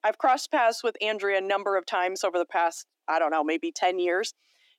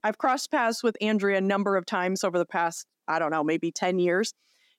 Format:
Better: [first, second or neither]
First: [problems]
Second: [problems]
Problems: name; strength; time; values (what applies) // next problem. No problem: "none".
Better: second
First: thin; somewhat; fading below 300 Hz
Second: none